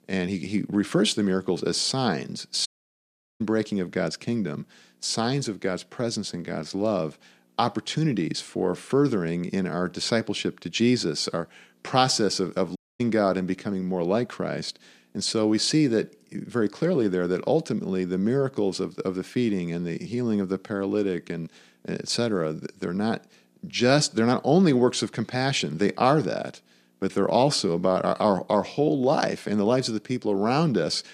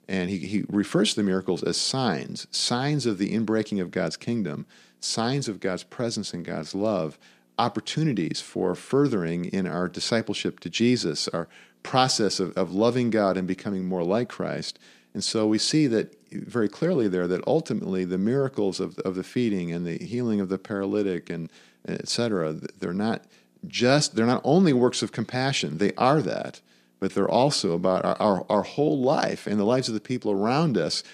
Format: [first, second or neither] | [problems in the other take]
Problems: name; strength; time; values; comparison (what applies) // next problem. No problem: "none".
second | audio cutting out; at 2.5 s for 0.5 s and at 13 s